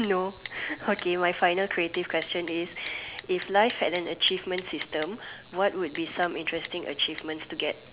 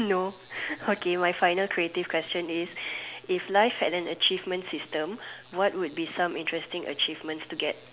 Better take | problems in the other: second | background sound (Typing); 17 dB below the speech

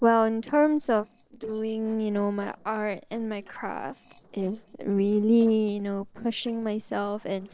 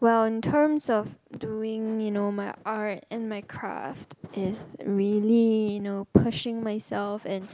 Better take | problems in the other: second | noise reduction (neural separator model SepFormer DNS4)

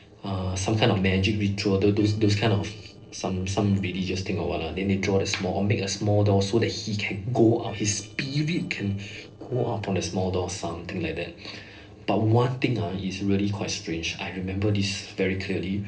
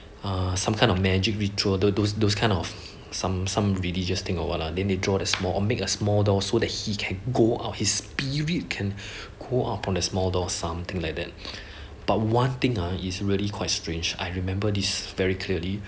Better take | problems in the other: second | noise reduction (neural separator model SepFormer DNS4)

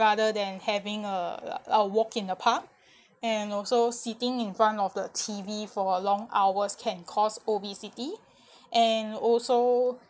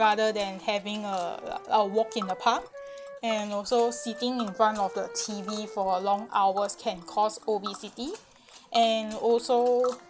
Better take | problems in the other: first | background sound (Tick + Wind instrument, woodwind instrument); 16 dB below the speech

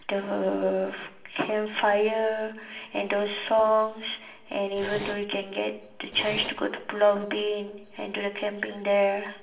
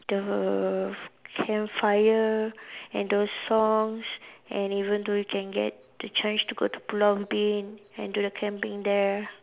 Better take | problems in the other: second | background sound (Zipper (clothing)); 10 dB below the speech // room echo; dies away in 0.6 s

